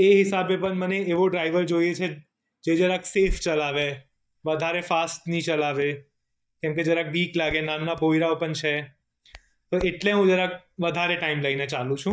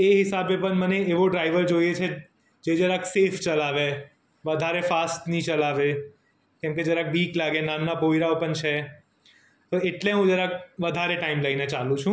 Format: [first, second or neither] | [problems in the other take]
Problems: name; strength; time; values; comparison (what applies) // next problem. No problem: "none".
second | noise reduction (neural mask model DeepFilterNet 3)